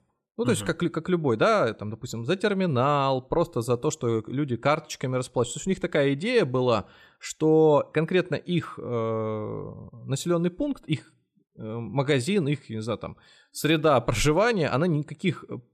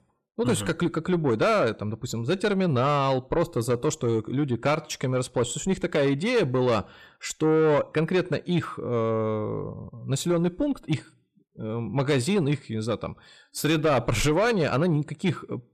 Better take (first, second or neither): first